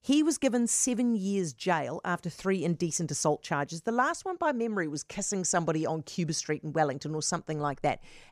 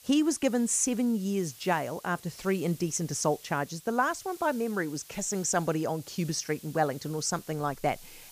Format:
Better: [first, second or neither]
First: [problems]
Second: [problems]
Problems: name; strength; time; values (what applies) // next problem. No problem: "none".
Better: first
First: none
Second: hiss; noticeable; throughout; 20 dB below the speech